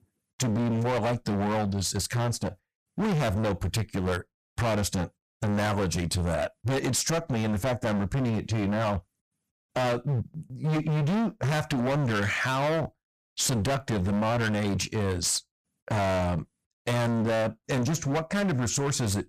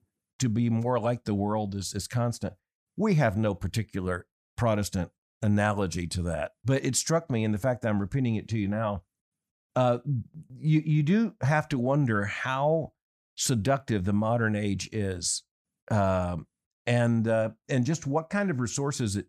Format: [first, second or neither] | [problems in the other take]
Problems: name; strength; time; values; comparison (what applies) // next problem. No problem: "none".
second | distortion; heavy; 30% of the sound clipped